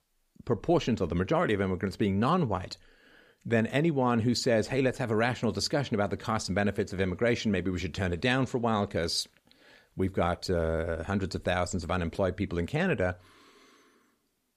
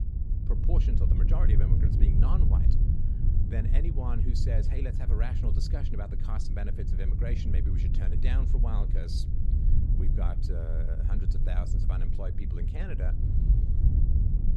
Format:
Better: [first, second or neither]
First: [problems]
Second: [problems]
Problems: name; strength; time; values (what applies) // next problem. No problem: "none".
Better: first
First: none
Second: low rumble; loud; throughout; 1 dB below the speech